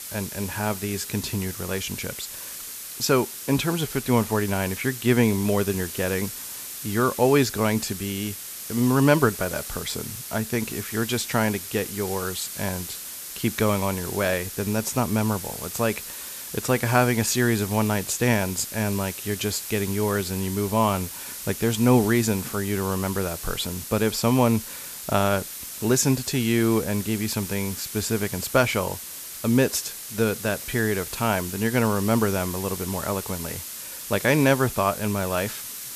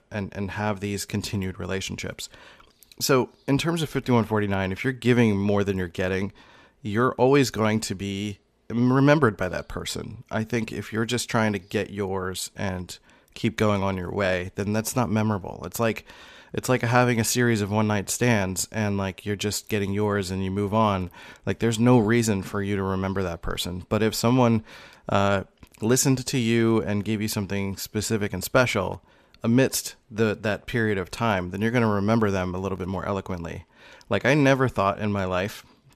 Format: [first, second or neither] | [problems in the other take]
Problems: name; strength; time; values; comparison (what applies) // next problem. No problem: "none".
second | hiss; loud; throughout; 9 dB below the speech